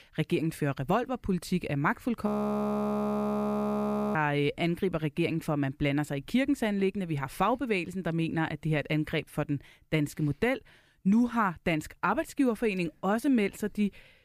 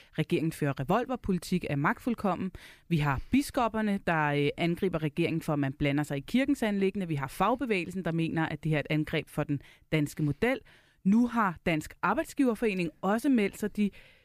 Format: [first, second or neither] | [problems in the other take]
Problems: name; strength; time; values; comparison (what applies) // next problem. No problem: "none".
second | audio freezing; at 2.5 s for 2 s